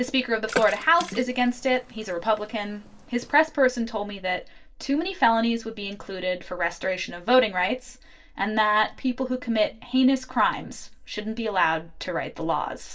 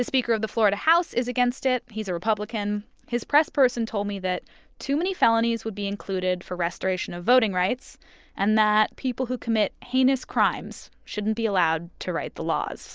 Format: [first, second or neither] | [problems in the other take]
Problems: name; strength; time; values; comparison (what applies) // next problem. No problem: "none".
second | background sound (Water / Splash, splatter); 12 dB below the speech // room echo; dies away in 0.2 s